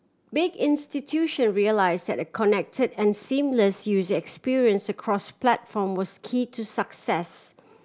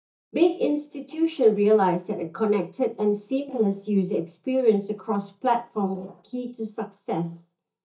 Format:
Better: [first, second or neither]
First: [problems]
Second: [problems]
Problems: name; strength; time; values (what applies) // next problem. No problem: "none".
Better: first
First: none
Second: noise reduction (neural mask model DeepFilterNet 3)